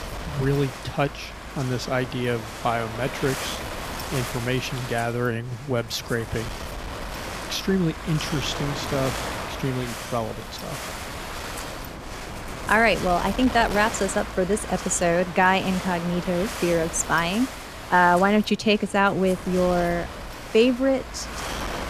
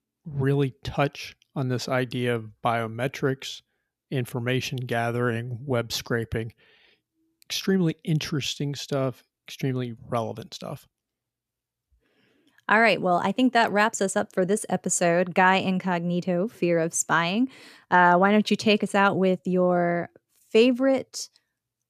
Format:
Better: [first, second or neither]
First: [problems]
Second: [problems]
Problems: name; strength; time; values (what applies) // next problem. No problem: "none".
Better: second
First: wind noise on the microphone; heavy; 9 dB below the speech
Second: none